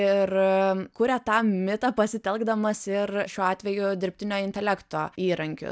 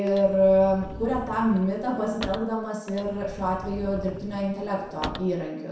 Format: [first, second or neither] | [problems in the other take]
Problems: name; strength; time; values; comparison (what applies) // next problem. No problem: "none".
first | background sound (Sliding door / Slam / Wood); 13 dB below the speech // room echo; dies away in 0.7 s